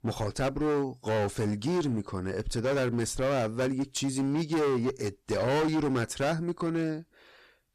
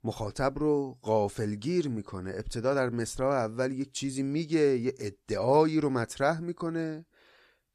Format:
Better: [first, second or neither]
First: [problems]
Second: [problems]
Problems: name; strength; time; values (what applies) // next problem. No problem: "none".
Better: second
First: distortion; heavy; 19% of the sound clipped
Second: none